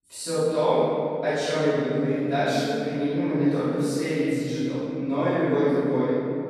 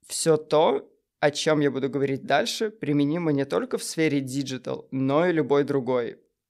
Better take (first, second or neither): second